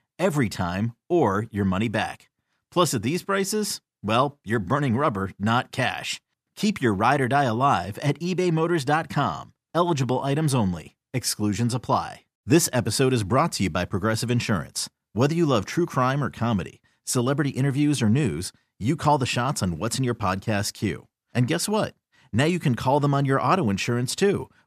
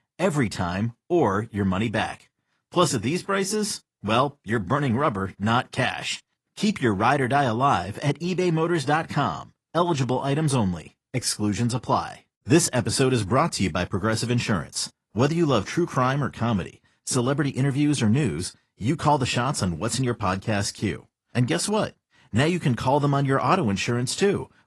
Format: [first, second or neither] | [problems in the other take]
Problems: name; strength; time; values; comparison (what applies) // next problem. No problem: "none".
first | garbled, watery; slightly; nothing above 11 kHz